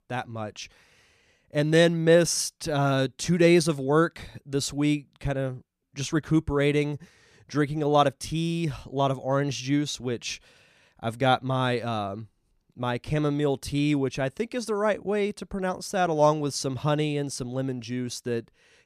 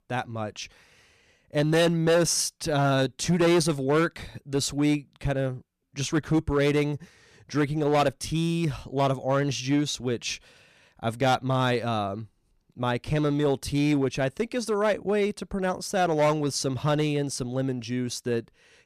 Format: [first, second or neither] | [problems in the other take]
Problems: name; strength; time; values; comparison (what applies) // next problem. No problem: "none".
first | distortion; slight; 6% of the sound clipped